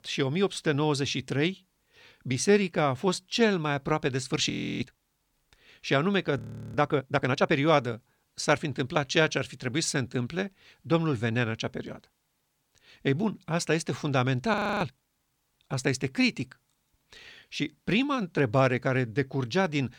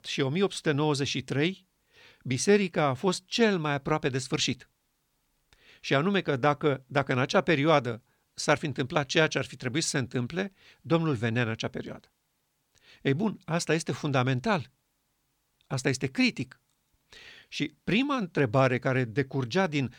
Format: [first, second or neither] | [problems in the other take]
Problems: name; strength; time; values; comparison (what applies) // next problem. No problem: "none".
second | audio freezing; at 4.5 s, at 6.5 s and at 15 s